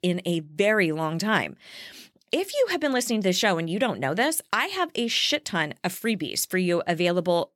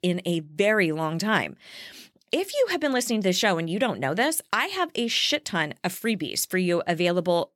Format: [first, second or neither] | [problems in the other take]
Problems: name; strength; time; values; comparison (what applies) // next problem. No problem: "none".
neither | none